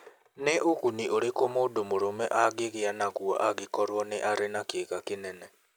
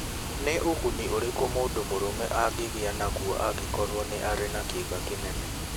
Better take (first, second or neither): first